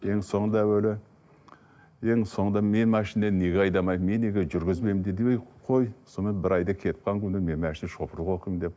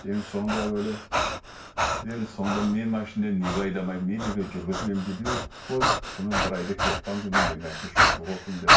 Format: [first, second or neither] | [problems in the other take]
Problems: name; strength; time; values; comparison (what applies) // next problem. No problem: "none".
first | background sound (Breathing); 2 dB above the speech // room echo; dies away in 0.3 s